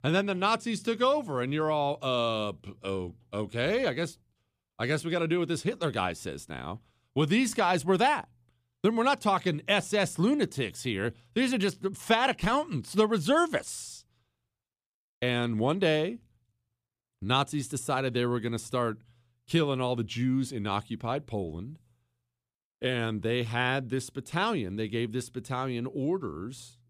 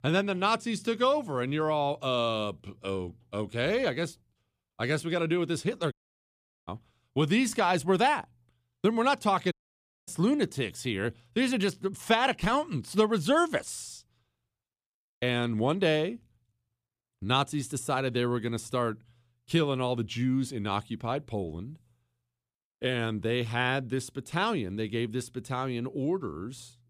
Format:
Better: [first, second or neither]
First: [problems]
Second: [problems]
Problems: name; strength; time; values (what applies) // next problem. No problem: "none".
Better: first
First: none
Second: audio cutting out; at 6 s for 1 s and at 9.5 s for 0.5 s